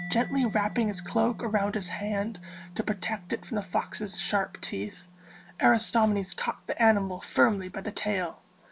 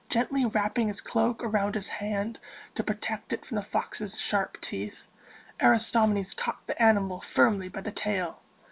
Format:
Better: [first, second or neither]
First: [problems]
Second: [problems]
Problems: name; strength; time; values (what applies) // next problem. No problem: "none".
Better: second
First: background sound (Mallet percussion); 16 dB below the speech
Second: none